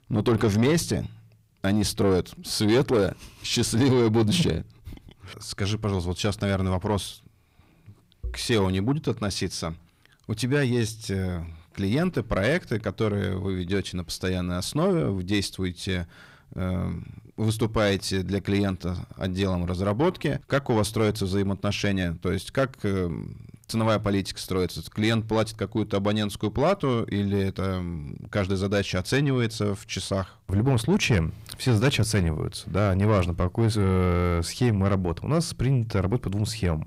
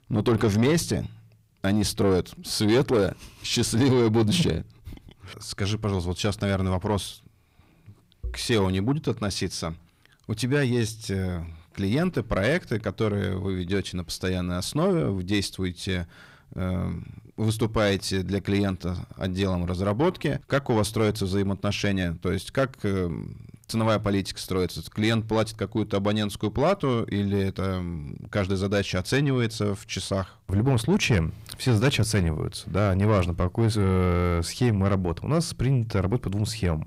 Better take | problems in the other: neither | distortion; slight; 10 dB below the speech; the same in both

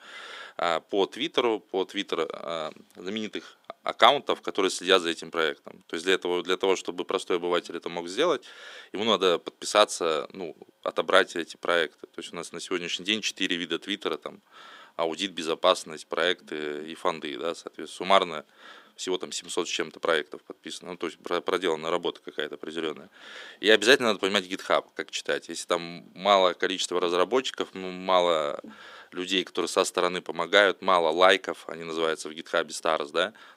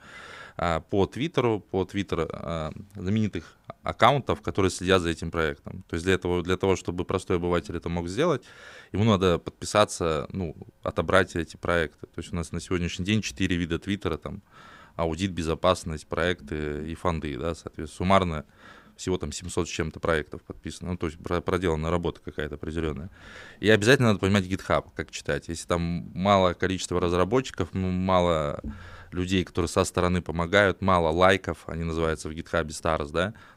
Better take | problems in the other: second | thin; somewhat; fading below 300 Hz

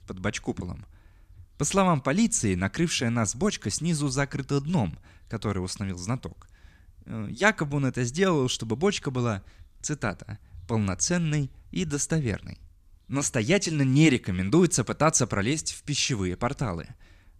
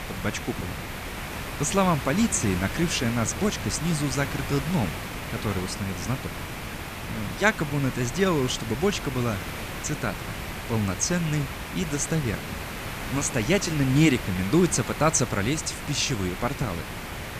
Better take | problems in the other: first | hiss; loud; throughout; 8 dB below the speech

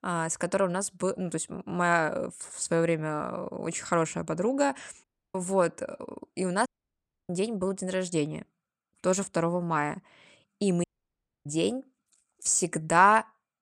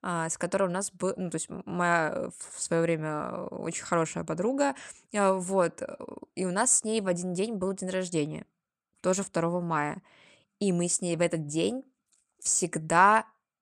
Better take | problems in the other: second | audio cutting out; at 5 s, at 6.5 s for 0.5 s and at 11 s for 0.5 s

